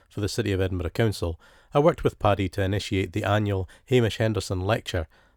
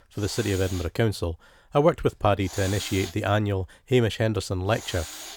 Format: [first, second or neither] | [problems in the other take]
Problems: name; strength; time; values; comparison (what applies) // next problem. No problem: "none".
first | hiss; noticeable; throughout; 10 dB below the speech